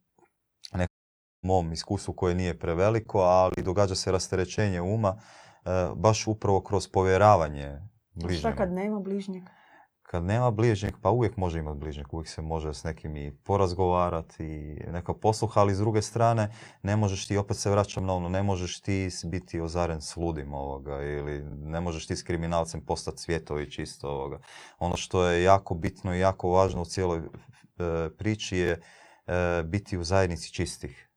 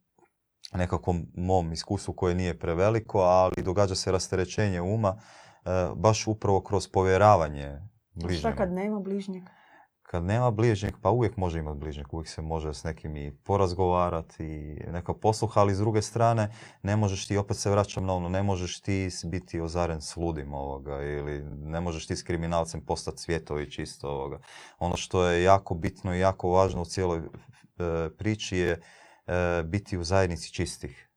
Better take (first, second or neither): second